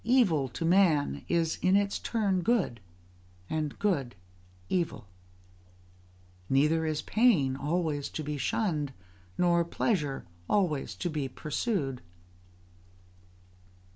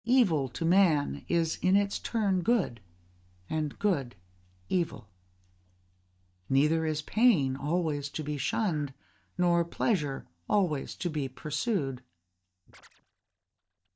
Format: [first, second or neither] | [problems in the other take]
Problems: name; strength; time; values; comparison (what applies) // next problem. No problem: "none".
first | noise reduction (neural mask model DeepFilterNet 3)